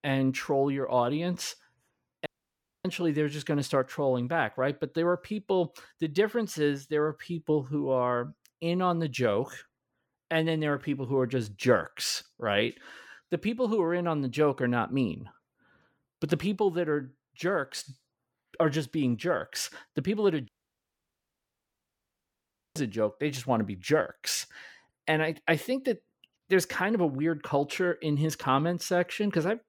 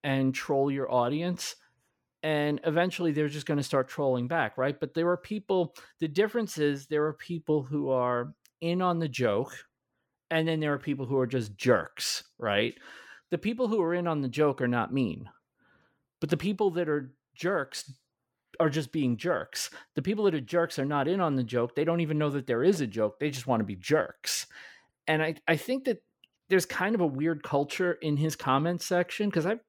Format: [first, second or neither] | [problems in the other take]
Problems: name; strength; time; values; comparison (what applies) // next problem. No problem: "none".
second | audio cutting out; at 2.5 s for 0.5 s and at 20 s for 2.5 s